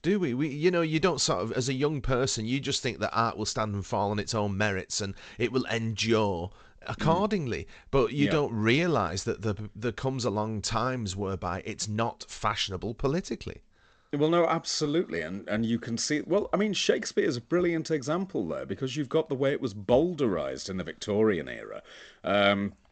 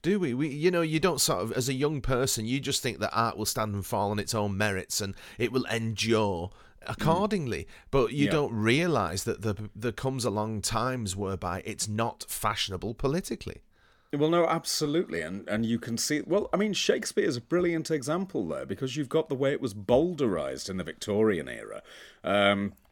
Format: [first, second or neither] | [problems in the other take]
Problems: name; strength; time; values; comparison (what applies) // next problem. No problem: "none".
second | garbled, watery; slightly; nothing above 8 kHz